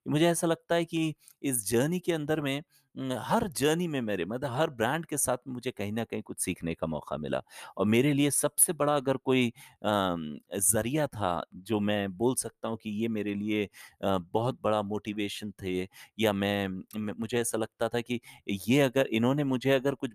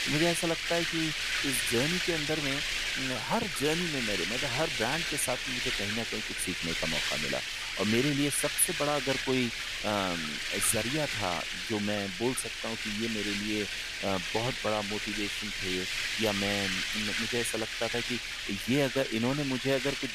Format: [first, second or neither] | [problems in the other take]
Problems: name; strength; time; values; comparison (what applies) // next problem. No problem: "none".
first | household noises; very loud; throughout; 1 dB above the speech